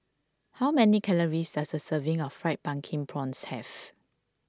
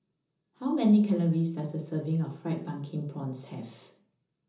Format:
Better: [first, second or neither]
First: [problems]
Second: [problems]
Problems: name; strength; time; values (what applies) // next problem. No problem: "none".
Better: first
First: none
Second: room echo; dies away in 0.6 s